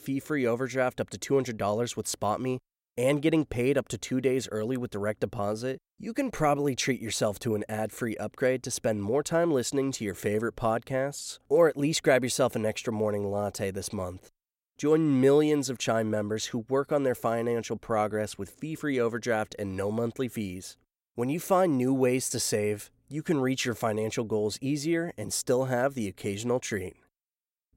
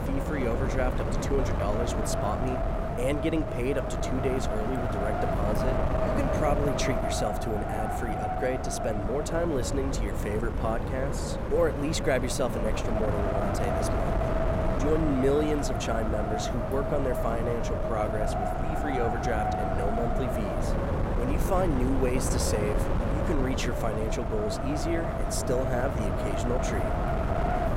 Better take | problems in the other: first | wind noise on the microphone; heavy; 1 dB above the speech

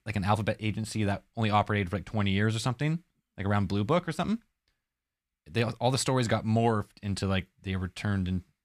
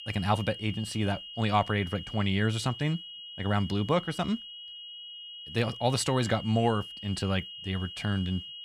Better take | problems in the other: first | high-pitched whine; noticeable; throughout; 3 kHz, 10 dB below the speech

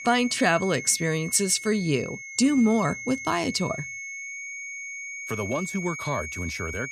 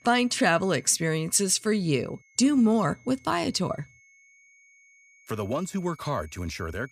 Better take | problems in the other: second | high-pitched whine; loud; throughout; 2 kHz, 10 dB below the speech; faint in the second

